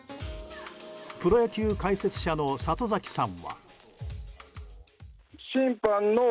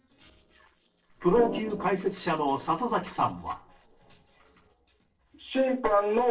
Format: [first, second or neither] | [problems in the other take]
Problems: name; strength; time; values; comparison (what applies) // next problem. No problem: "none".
first | noise reduction (neural separator model SepFormer DNS4)